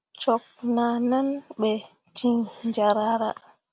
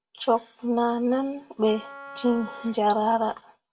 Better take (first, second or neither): first